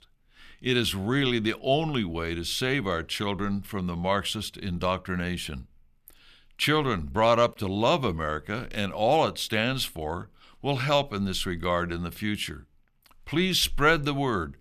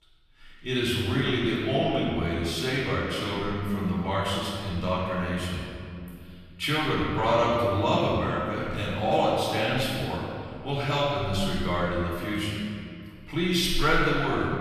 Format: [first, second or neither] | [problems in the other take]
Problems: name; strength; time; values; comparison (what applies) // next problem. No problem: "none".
first | room echo; strong; dies away in 2.1 s // off-mic speech; far